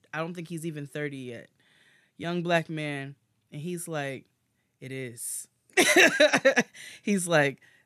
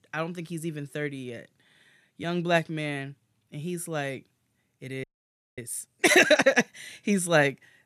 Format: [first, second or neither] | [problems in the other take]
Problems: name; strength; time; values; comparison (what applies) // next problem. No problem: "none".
first | audio freezing; at 5 s for 0.5 s